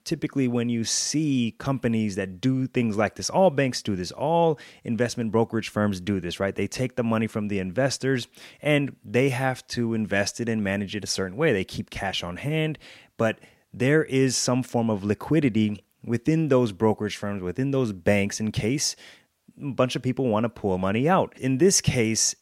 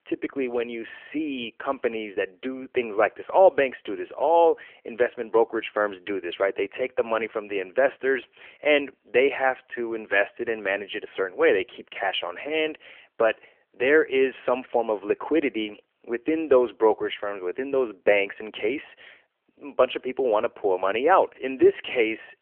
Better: first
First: none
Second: phone-call audio; nothing above 3 kHz

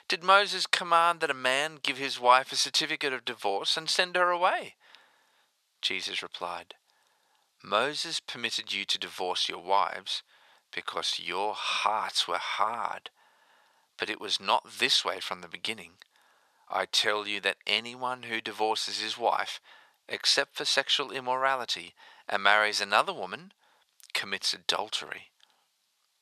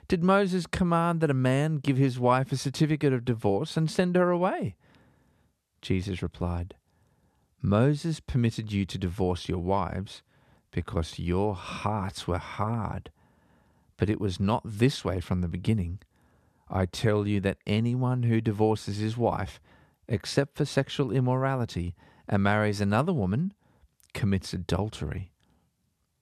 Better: second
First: thin; very; fading below 900 Hz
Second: none

